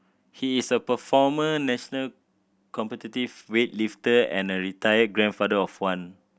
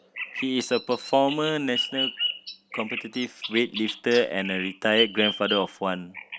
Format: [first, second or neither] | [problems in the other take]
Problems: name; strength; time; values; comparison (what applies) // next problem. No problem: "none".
first | background sound (Bird vocalization, bird call, bird song); 7 dB below the speech